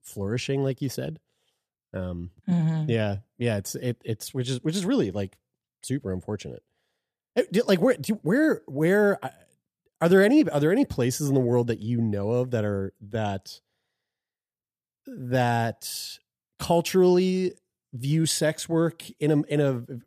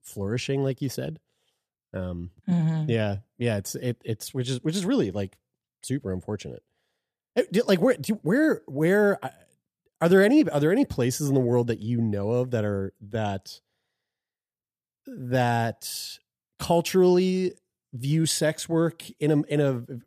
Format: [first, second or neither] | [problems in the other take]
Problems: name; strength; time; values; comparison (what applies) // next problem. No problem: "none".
neither | none